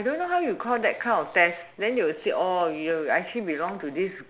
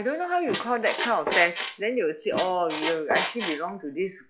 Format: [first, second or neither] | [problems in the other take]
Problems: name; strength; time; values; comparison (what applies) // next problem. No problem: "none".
first | noise reduction (classical method log-MMSE)